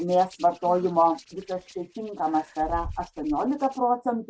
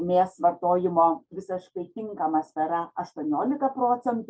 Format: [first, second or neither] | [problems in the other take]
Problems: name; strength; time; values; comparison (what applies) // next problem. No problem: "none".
second | noise reduction (neural mask model RNNoise)